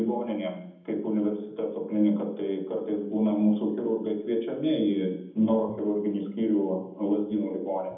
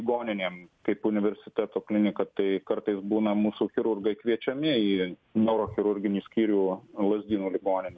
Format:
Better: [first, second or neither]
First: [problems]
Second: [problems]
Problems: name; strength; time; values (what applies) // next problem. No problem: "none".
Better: second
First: room echo; dies away in 0.8 s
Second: none